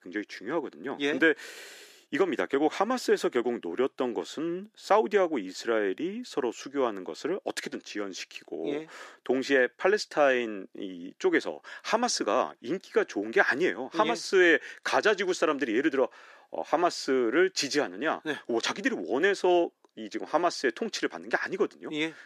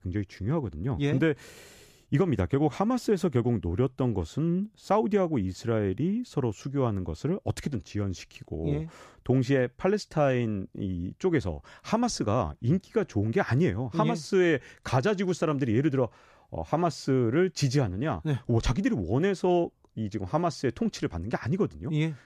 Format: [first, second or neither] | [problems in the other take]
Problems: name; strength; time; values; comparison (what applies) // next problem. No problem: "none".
second | thin; somewhat; fading below 300 Hz